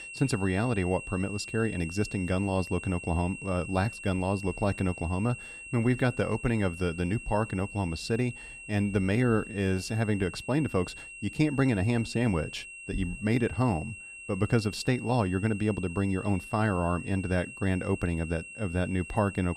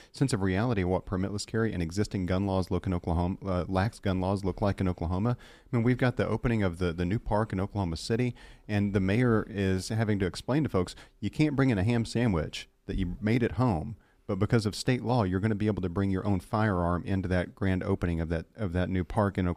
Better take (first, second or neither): second